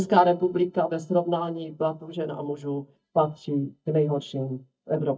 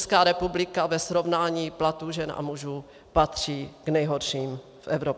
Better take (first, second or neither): second